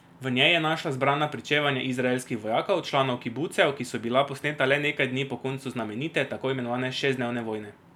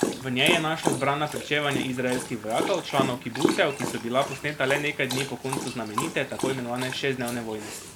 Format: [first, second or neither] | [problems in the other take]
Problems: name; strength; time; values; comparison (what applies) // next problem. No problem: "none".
first | background sound (Dog); 4 dB below the speech